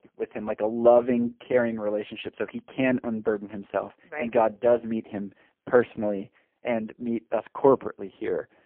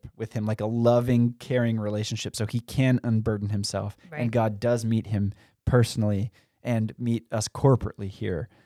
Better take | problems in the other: second | phone-call audio; poor line

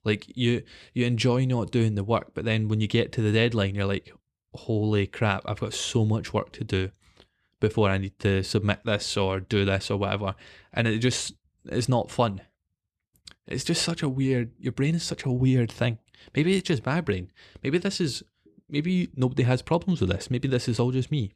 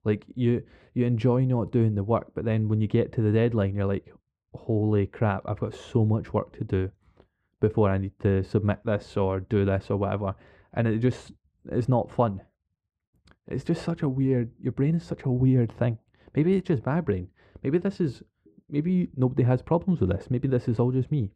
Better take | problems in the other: first | muffled; very; fading above 2 kHz

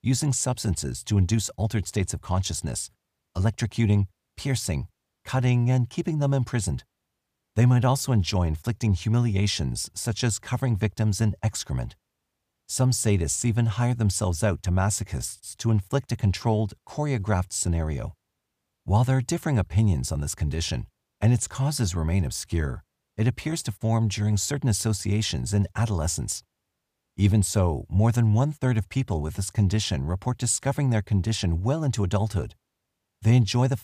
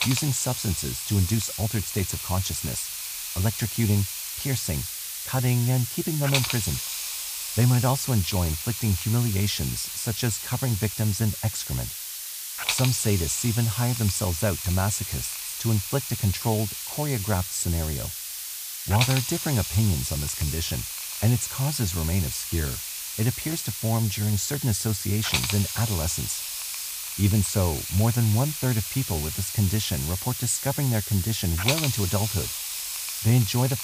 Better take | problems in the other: first | hiss; loud; throughout; 3 dB below the speech

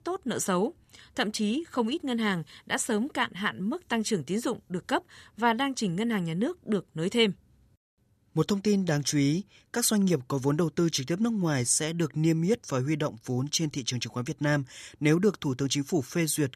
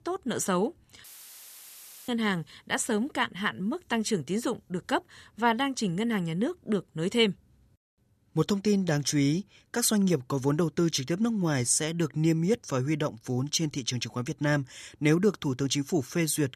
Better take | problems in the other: first | audio cutting out; filled with static; at 1 s for 1 s

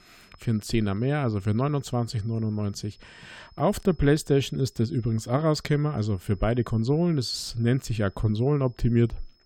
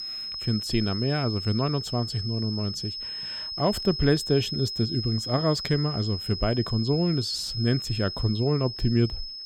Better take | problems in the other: first | high-pitched whine; loud; throughout; 5 kHz, 5 dB below the speech; faint in the first

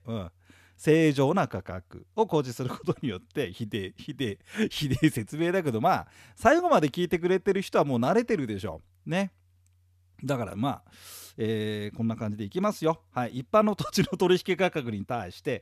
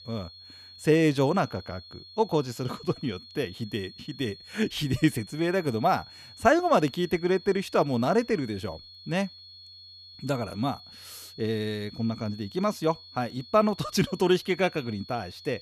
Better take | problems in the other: first | high-pitched whine; noticeable; throughout; 4.5 kHz, 20 dB below the speech

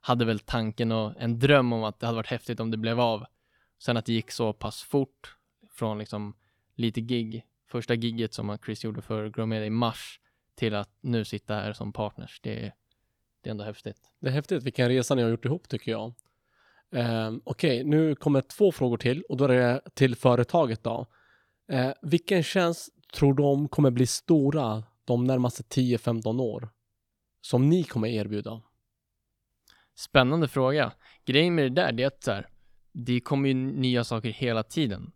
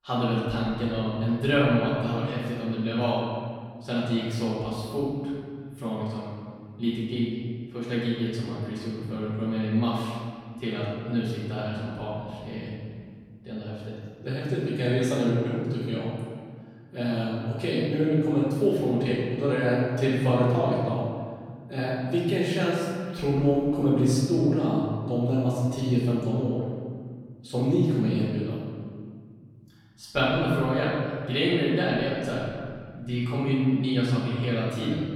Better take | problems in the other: first | off-mic speech; far // room echo; strong; dies away in 1.9 s

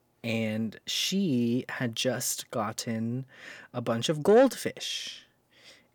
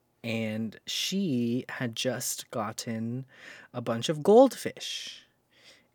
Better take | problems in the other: second | distortion; slight; 10 dB below the speech

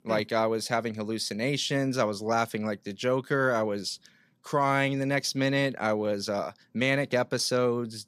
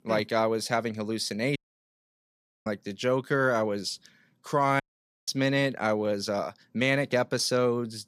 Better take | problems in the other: first | audio cutting out; at 1.5 s for 1 s and at 5 s

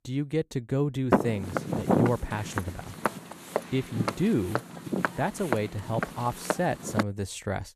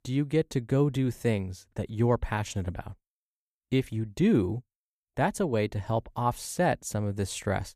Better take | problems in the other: second | footsteps; loud; from 1 to 7 s; peak 6 dB above the speech

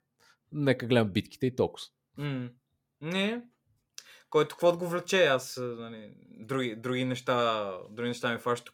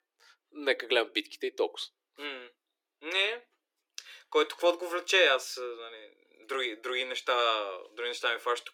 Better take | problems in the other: first | thin; very; fading below 300 Hz

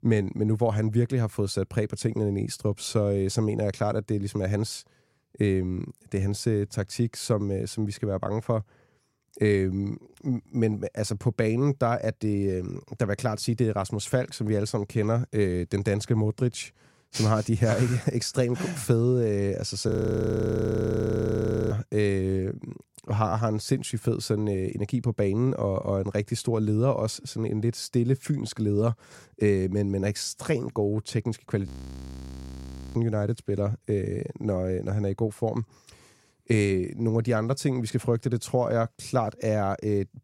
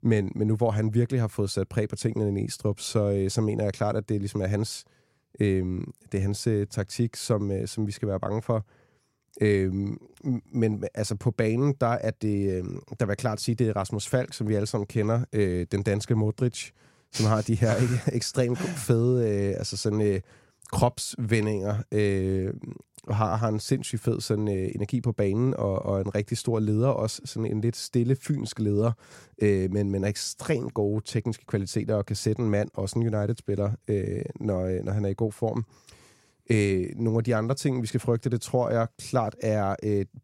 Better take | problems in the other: second | audio freezing; at 20 s for 2 s and at 32 s for 1.5 s

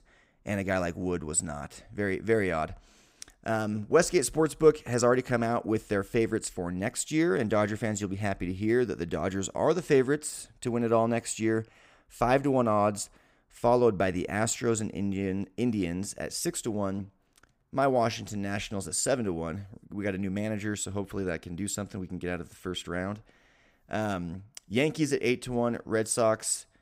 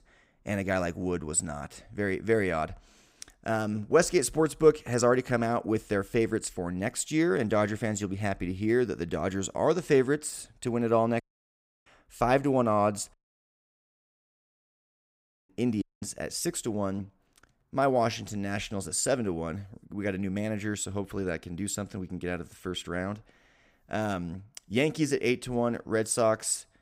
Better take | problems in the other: first | audio cutting out; at 11 s for 0.5 s, at 13 s for 2.5 s and at 16 s

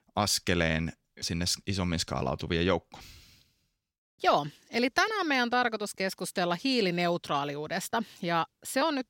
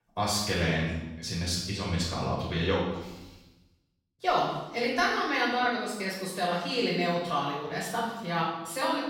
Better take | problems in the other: first | off-mic speech; far // room echo; noticeable; dies away in 0.9 s

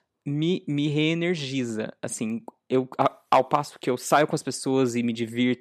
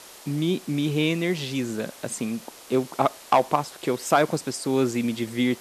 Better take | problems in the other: first | hiss; noticeable; throughout; 20 dB below the speech

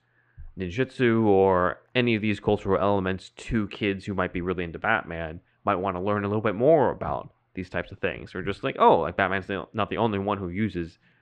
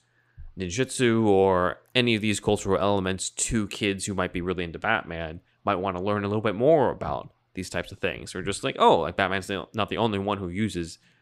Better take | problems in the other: second | muffled; very; fading above 2 kHz

